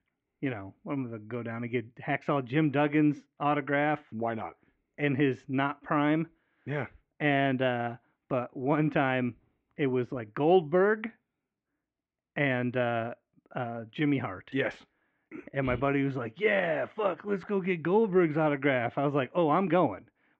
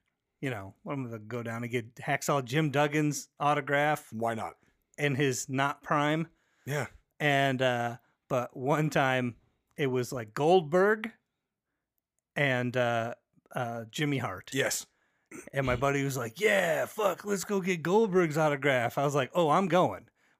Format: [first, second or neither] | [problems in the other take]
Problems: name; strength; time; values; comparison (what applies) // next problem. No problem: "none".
second | muffled; very; fading above 2.5 kHz